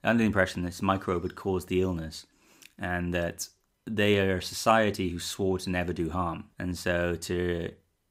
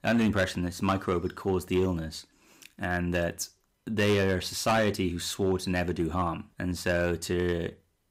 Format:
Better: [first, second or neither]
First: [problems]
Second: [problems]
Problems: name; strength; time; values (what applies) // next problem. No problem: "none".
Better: first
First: none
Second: distortion; slight; 4% of the sound clipped